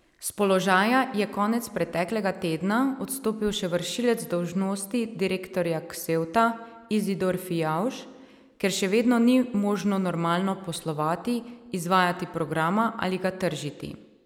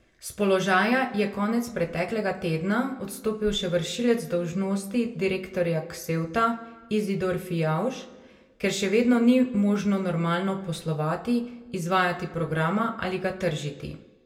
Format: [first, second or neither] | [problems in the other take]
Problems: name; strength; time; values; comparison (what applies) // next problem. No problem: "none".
first | room echo; dies away in 0.3 s